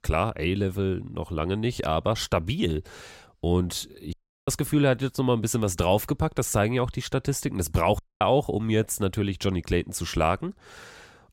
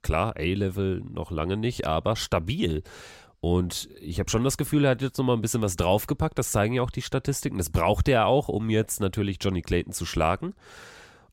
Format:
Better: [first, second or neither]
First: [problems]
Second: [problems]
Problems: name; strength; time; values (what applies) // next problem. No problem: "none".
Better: second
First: audio cutting out; at 4 s and at 8 s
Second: none